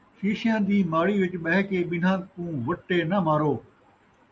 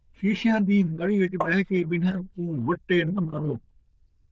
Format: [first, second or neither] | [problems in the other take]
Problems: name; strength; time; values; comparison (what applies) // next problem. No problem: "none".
first | noise reduction (neural diffusion model UNIVERSE++)